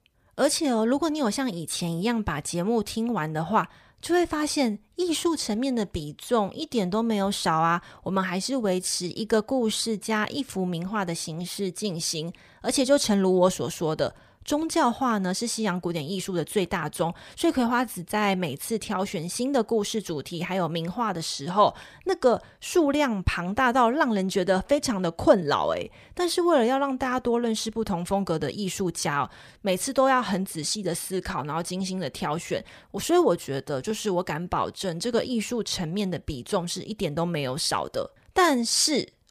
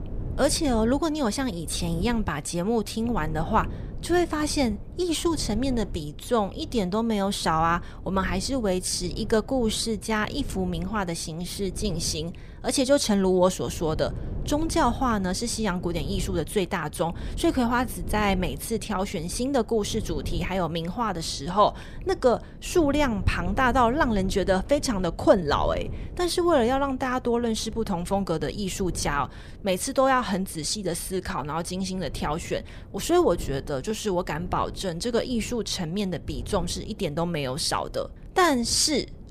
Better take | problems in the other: first | wind noise on the microphone; occasional gusts; 20 dB below the speech

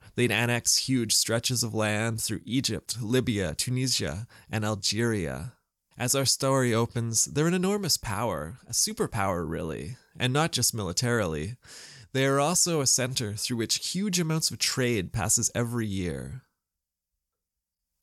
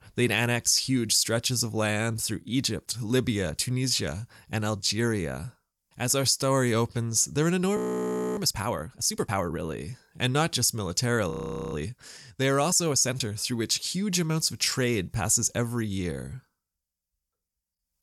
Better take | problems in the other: first | audio freezing; at 8 s for 0.5 s and at 11 s

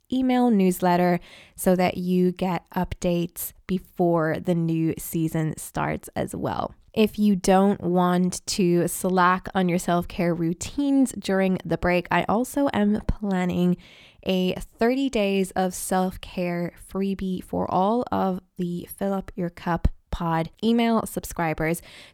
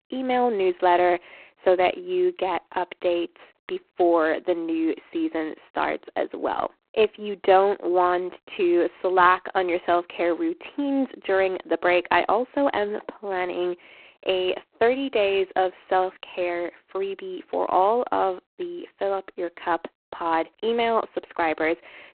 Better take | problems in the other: first | phone-call audio; poor line; nothing above 4 kHz

